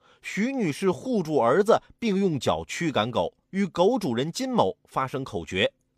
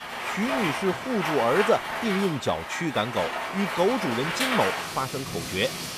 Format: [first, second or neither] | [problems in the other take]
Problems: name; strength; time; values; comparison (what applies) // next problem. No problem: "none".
first | rain or running water; loud; throughout; 2 dB below the speech